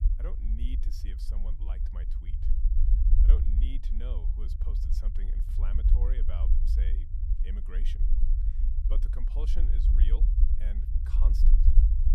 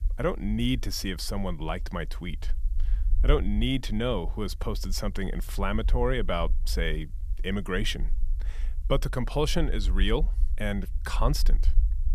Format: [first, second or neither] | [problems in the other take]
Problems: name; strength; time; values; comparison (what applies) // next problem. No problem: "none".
second | low rumble; loud; throughout; as loud as the speech; faint in the second